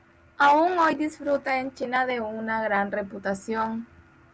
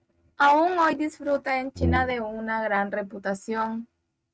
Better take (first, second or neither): first